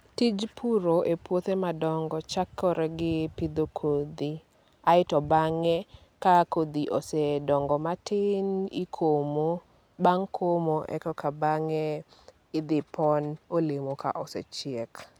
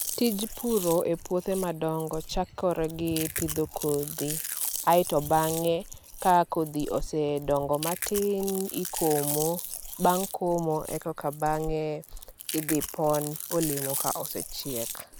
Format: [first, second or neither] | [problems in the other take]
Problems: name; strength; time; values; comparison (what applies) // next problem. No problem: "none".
first | background sound (Chewing, mastication); 8 dB below the speech